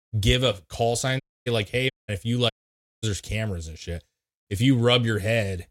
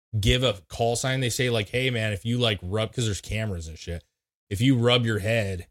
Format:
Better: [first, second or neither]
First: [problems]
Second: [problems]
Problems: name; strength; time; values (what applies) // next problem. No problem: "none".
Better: second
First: audio cutting out; at 1 s, at 2 s and at 2.5 s for 0.5 s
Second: none